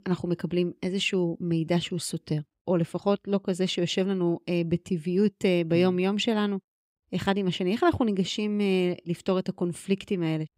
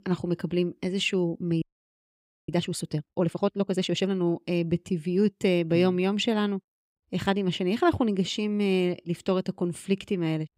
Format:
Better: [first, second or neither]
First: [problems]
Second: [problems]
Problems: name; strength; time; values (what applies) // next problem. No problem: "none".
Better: first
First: none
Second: audio freezing; at 1.5 s for 1 s